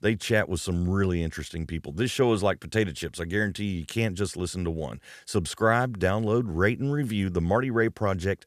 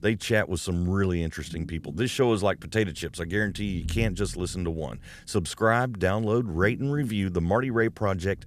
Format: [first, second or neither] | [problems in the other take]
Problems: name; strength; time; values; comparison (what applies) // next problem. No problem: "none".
first | low rumble; faint; throughout; 25 dB below the speech